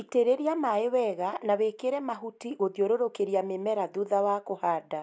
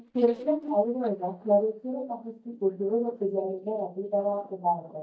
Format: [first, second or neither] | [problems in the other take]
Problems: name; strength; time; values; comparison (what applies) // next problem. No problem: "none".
first | noise reduction (neural mask model DeepFilterNet 3)